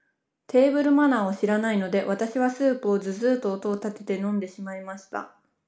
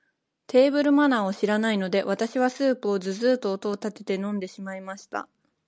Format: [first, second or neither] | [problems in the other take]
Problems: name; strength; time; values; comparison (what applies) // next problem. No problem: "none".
second | room echo; dies away in 0.4 s